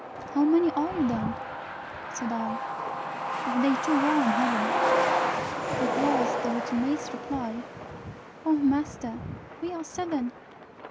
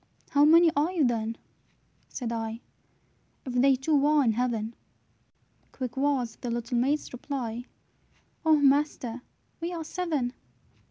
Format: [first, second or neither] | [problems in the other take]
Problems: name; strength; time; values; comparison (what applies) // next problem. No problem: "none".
second | background sound (Truck); 1 dB below the speech